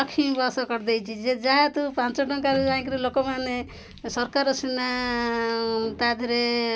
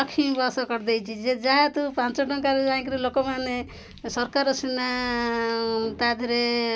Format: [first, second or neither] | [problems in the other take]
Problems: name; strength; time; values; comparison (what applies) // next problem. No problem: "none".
second | background sound (Electric guitar); 17 dB below the speech